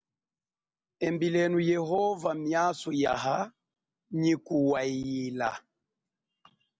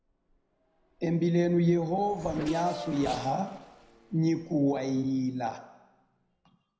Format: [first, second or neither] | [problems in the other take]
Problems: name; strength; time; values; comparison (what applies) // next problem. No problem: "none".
first | background sound (Race car, auto racing / Accelerating, revving, vroom); 16 dB below the speech // room echo; dies away in 0.8 s